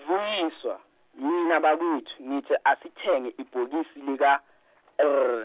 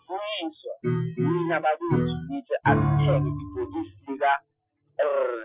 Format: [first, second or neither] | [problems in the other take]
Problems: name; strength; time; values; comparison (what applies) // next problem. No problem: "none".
first | noise reduction (classical method Wiener filter)